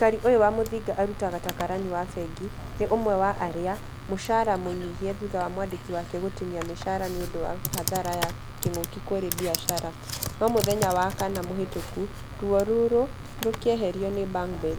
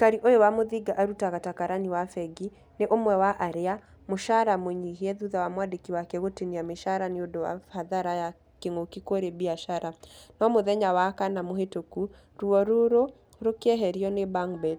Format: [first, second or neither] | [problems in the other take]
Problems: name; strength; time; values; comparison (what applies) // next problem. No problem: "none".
second | background sound (Computer keyboard); 8 dB below the speech